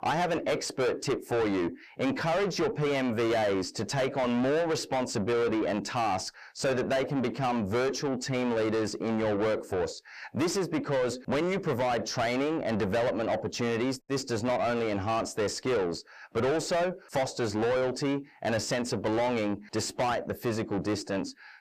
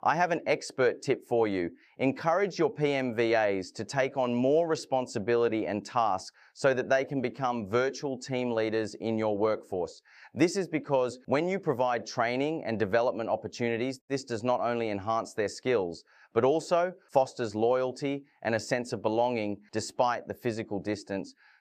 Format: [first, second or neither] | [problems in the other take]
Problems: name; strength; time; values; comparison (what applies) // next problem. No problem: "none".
second | distortion; heavy; 6 dB below the speech